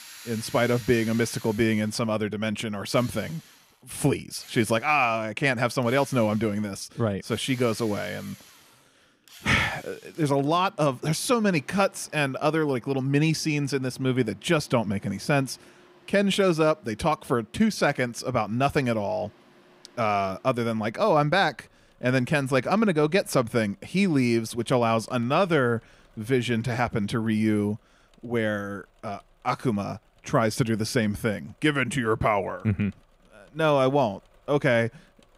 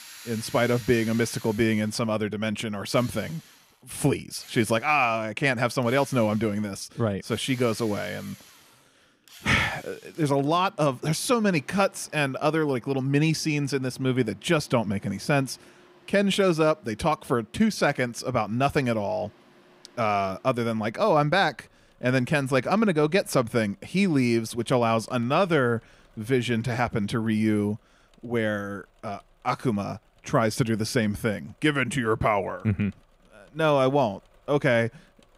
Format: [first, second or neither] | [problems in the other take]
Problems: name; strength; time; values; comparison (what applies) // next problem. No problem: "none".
neither | machinery noise; faint; throughout; 25 dB below the speech; the same in both